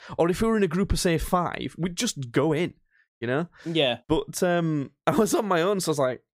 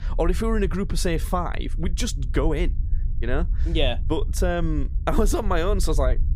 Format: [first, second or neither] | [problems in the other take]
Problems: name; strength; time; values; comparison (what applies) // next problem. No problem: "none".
first | low rumble; faint; throughout; 20 dB below the speech